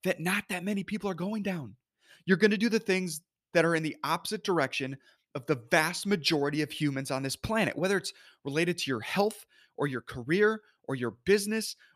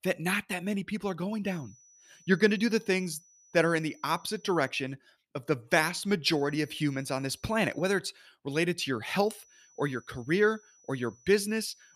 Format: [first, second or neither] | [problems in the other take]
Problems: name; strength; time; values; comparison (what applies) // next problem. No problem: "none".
first | high-pitched whine; faint; from 1.5 to 4.5 s, from 6.5 to 8 s and from 9 s on; 6 kHz, 30 dB below the speech